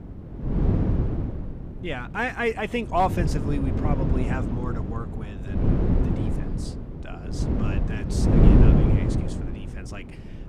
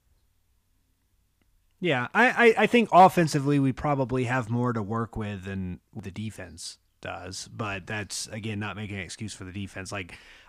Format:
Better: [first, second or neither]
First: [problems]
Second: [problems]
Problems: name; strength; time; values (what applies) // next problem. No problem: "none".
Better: second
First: wind noise on the microphone; heavy; 3 dB below the speech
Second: none